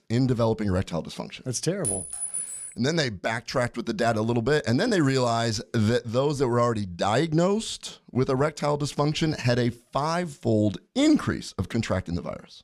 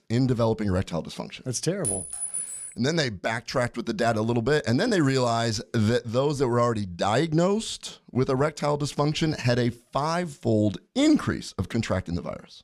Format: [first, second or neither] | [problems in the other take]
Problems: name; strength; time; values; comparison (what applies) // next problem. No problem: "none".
neither | clattering dishes; noticeable; at 2 s; peak 3 dB below the speech; the same in both